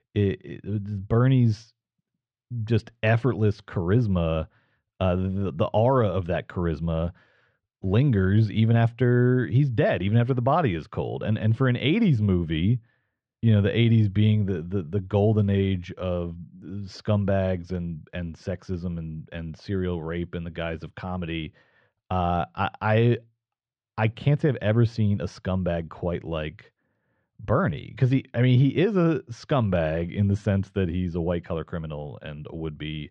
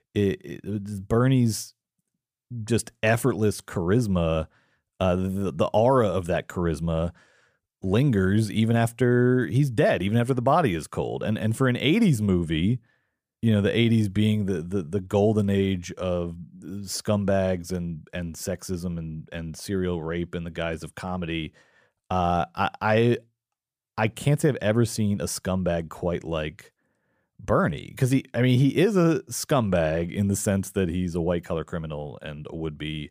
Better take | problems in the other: second | muffled; slightly; fading above 4 kHz

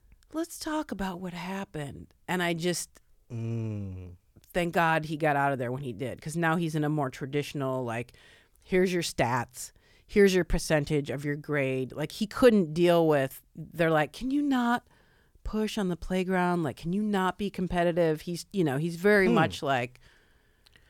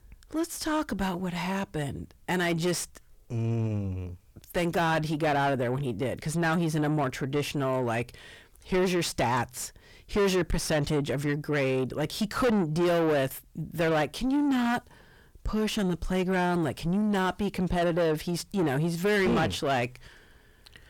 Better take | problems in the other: first | distortion; heavy; 6 dB below the speech

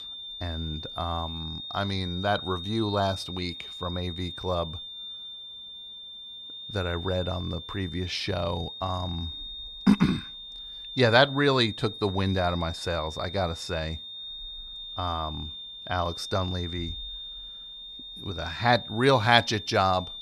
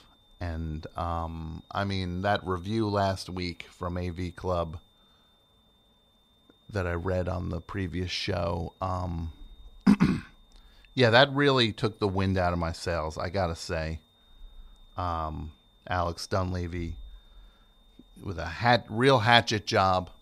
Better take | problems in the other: second | high-pitched whine; loud; throughout; 3.5 kHz, 10 dB below the speech; faint in the second

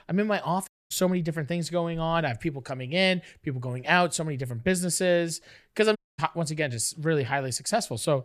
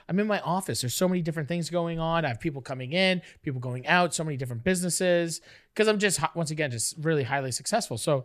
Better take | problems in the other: second | audio cutting out; at 0.5 s and at 6 s

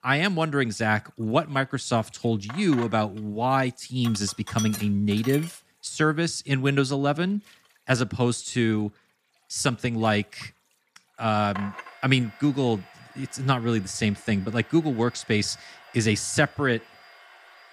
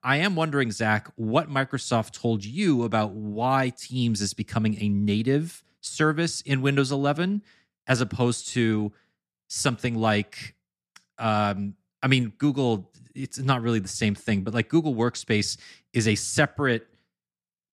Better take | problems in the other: second | household noises; noticeable; throughout; 15 dB below the speech

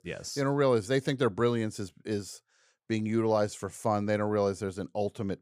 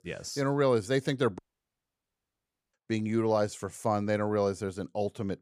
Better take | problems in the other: first | audio cutting out; at 1.5 s for 1.5 s

